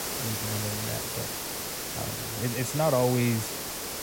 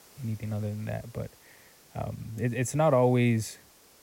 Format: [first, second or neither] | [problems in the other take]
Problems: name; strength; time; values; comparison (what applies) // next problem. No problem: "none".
second | hiss; loud; throughout; 2 dB below the speech; faint in the second